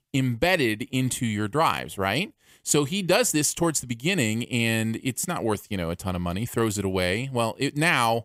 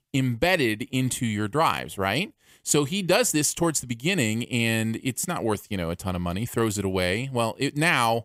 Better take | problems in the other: neither | none

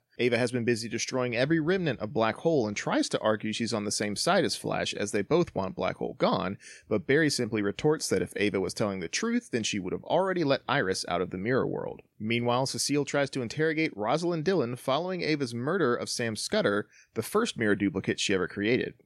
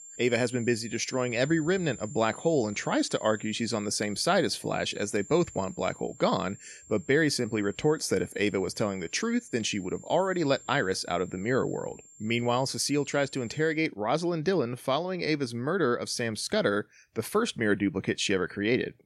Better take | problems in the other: first | high-pitched whine; noticeable; until 14 s; 7.5 kHz, 20 dB below the speech

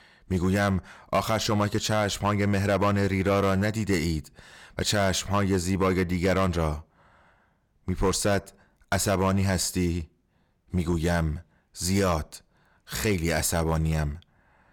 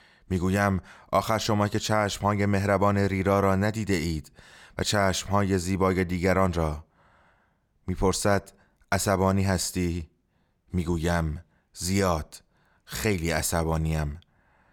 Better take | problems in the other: second | distortion; slight; 5% of the sound clipped

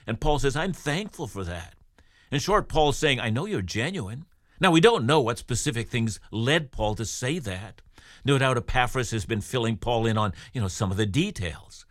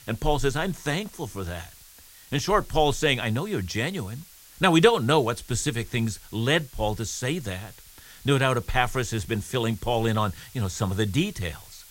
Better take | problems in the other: first | hiss; faint; throughout; 20 dB below the speech

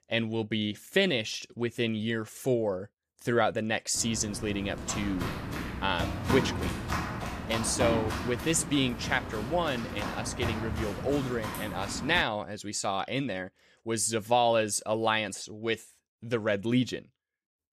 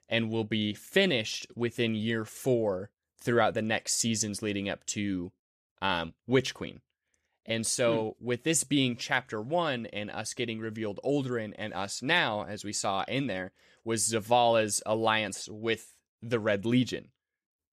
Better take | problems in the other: second | footsteps; loud; from 4 to 12 s; peak level with the speech

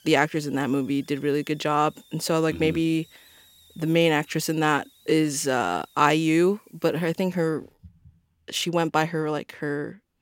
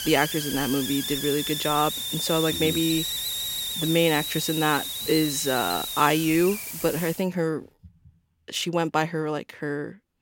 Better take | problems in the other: first | hiss; loud; until 7 s; 3 dB below the speech; faint in the first

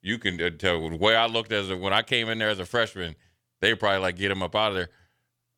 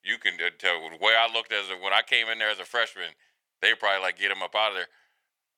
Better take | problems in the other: first | thin; very; fading below 600 Hz

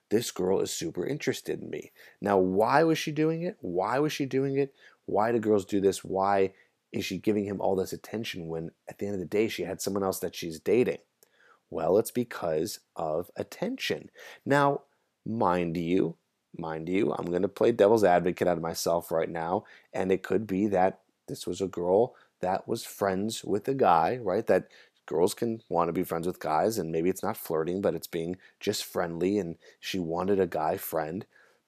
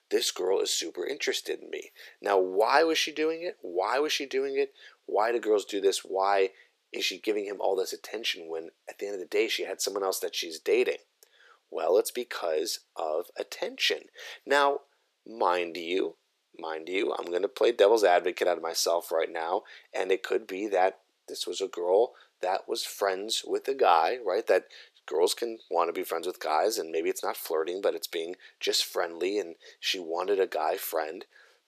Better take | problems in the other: first | thin; somewhat; fading below 400 Hz

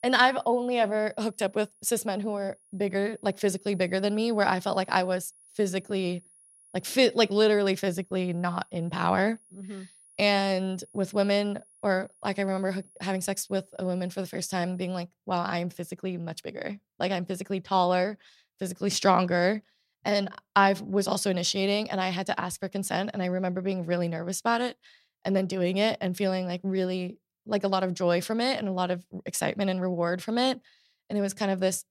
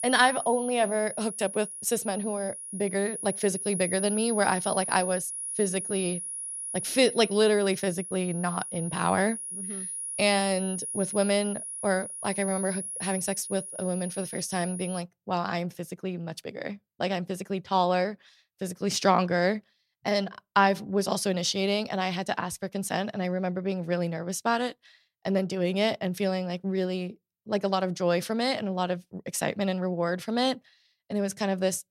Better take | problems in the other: first | high-pitched whine; loud; until 15 s; 10.5 kHz, 6 dB below the speech; faint in the first

